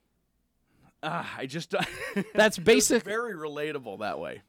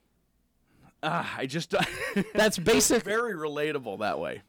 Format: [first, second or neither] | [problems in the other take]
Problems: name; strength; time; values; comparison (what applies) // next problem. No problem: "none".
first | distortion; heavy; 4% of the sound clipped